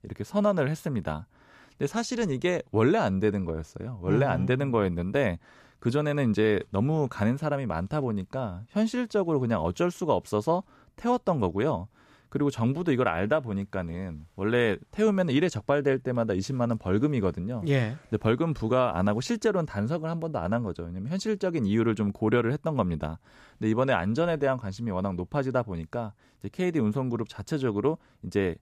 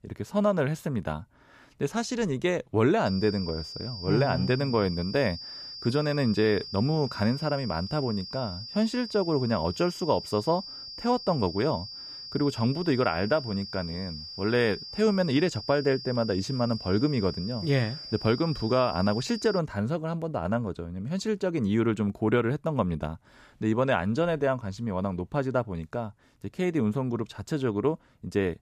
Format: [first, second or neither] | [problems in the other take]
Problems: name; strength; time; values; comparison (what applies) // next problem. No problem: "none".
first | high-pitched whine; noticeable; from 3 to 20 s; 5 kHz, 10 dB below the speech